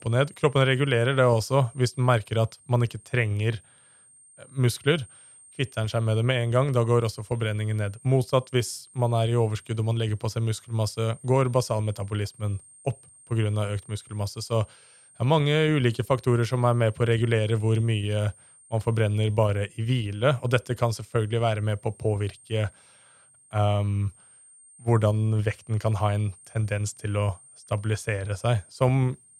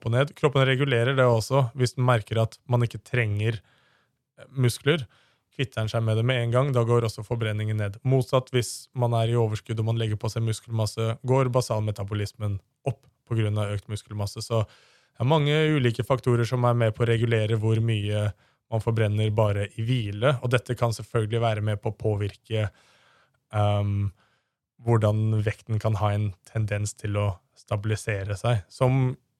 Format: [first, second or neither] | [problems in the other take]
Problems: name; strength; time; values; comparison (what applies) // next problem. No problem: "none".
second | high-pitched whine; faint; throughout; 8.5 kHz, 25 dB below the speech